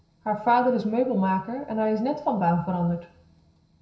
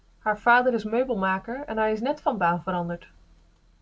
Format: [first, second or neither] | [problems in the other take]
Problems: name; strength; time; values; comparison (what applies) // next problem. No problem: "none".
second | room echo; dies away in 0.5 s